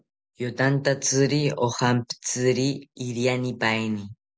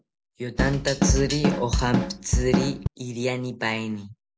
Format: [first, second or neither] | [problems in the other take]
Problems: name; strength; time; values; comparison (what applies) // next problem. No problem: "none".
first | background sound (Drum kit); 3 dB above the speech